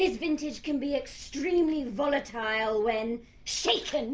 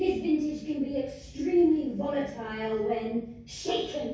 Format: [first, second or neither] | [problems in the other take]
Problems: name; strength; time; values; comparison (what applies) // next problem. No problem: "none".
first | room echo; dies away in 0.6 s